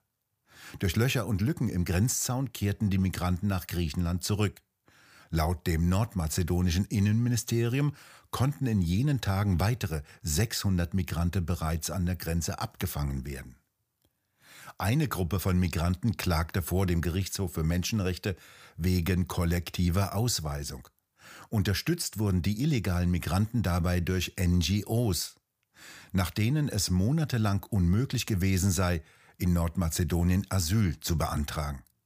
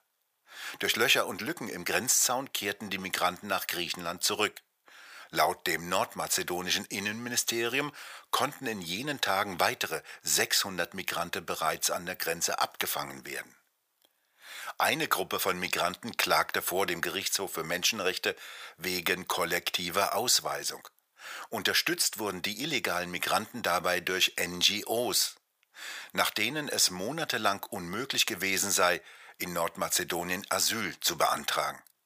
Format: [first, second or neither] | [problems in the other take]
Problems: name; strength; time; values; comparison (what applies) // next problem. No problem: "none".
first | thin; very; fading below 600 Hz